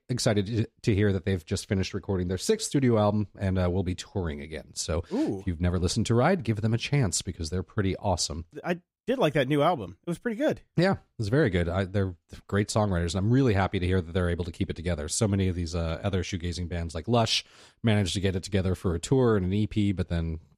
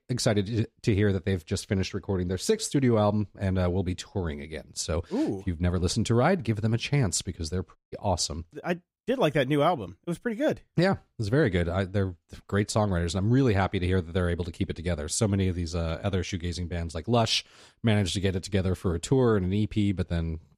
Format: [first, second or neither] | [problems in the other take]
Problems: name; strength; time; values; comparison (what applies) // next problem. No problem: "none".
first | audio cutting out; at 8 s